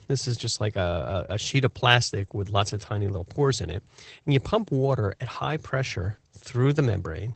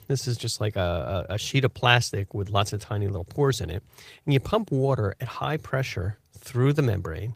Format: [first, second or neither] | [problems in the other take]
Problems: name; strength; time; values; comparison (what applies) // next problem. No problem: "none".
second | garbled, watery; badly; nothing above 8 kHz; slightly in the second